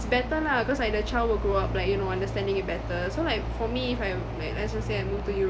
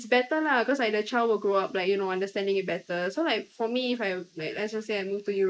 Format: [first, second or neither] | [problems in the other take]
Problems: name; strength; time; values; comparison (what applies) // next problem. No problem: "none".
first | noise reduction (neural mask model Resemble Enhance denoiser)